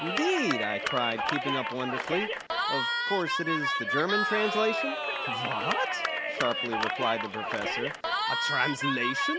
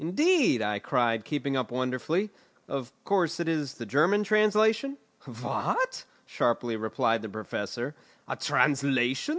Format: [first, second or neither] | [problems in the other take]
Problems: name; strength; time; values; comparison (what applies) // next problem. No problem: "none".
second | background sound (Cheering); 1 dB above the speech